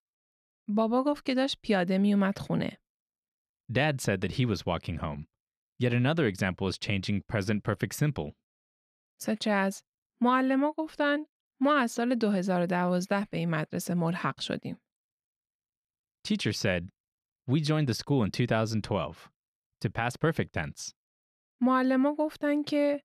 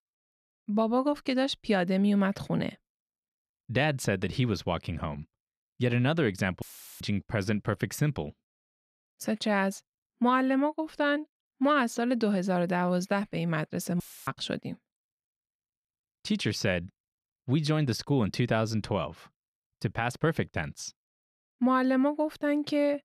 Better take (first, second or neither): first